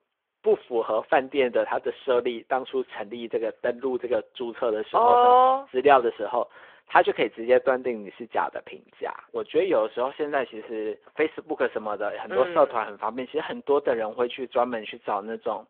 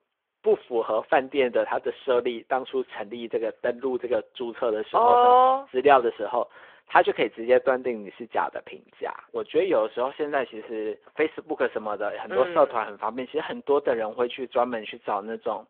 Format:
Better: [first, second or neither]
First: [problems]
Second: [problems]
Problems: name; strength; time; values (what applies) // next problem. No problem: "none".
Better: neither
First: phone-call audio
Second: phone-call audio